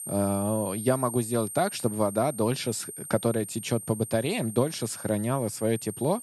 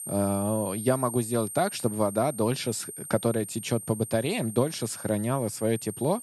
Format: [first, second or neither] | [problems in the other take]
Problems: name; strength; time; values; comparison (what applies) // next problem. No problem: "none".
neither | high-pitched whine; loud; throughout; 8.5 kHz, 9 dB below the speech; the same in both